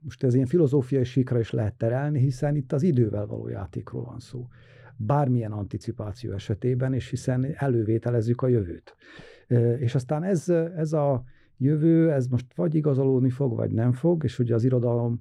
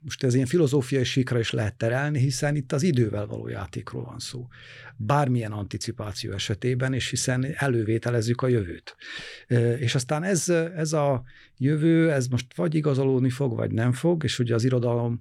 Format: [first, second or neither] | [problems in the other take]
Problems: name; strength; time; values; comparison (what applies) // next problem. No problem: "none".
second | muffled; slightly; fading above 1.5 kHz